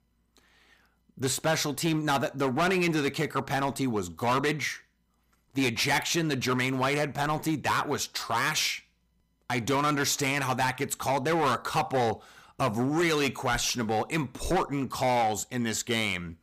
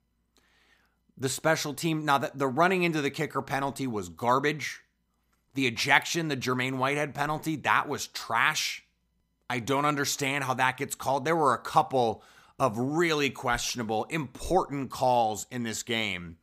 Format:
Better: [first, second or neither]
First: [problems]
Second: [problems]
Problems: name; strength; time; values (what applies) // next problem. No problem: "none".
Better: second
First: distortion; heavy; 10% of the sound clipped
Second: none